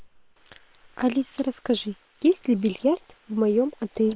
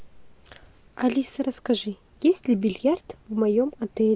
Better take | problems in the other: second | noise reduction (neural separator model SepFormer WHAM!)

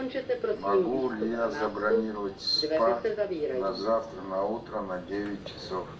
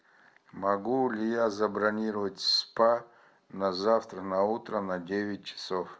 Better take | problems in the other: second | background sound (Subway, metro, underground); 1 dB below the speech // room echo; dies away in 0.3 s

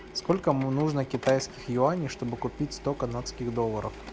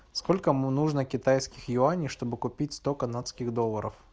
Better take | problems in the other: second | background sound (Printer); 15 dB below the speech

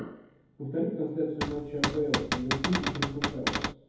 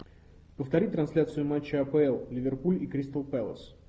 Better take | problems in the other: second | background sound (Cupboard open or close / Door); 1 dB above the speech // room echo; dies away in 1.9 s

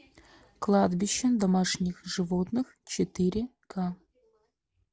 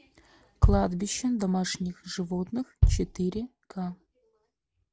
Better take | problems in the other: first | background sound (Bass drum); 2 dB above the speech

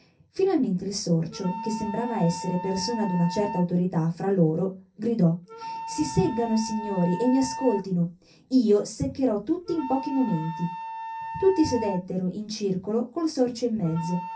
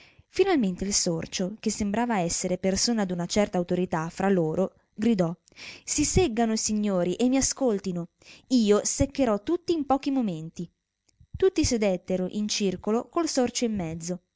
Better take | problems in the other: second | background sound (Wind instrument, woodwind instrument); 12 dB below the speech // room echo; dies away in 0.3 s

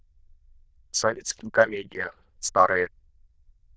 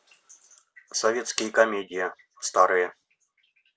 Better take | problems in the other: second | noise reduction (neural diffusion model UNIVERSE++)

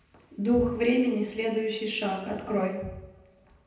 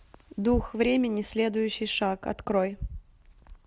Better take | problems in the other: second | room echo; dies away in 0.9 s

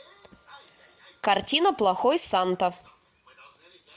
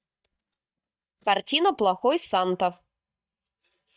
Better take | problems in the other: first | noise reduction (neural mask model DeepFilterNet 3)

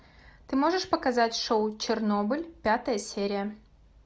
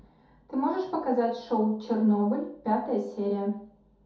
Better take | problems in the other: first | room echo; dies away in 0.5 s

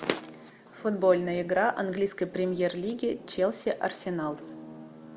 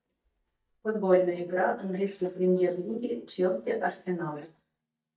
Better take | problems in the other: first | noise reduction (neural mask model DeepFilterNet 3)

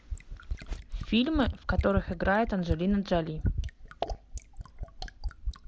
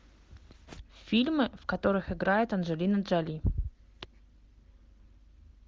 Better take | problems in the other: second | background sound (Fill (with liquid)); 5 dB below the speech

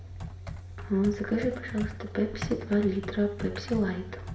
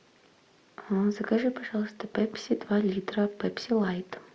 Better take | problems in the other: second | background sound (Computer keyboard); 9 dB below the speech // room echo; dies away in 0.7 s

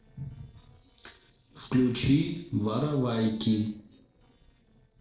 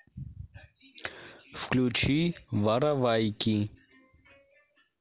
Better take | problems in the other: second | noise reduction (neural separator model SepFormer DNS4)

